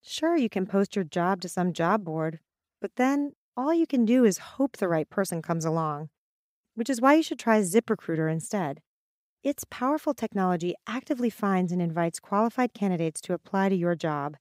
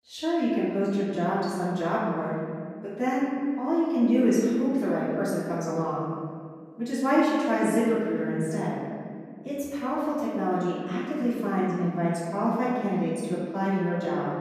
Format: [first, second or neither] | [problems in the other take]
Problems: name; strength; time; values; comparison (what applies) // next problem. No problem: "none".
first | off-mic speech; far // room echo; strong; dies away in 2.1 s